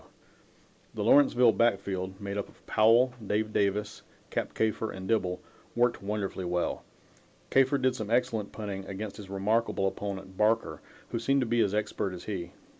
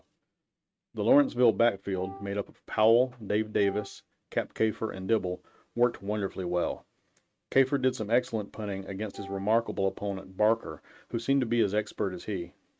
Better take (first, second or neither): first